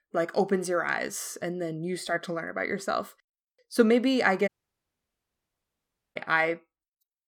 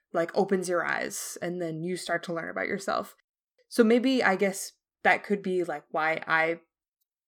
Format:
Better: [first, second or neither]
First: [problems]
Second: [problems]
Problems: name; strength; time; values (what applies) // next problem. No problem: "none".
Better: second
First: audio cutting out; at 4.5 s for 1.5 s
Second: none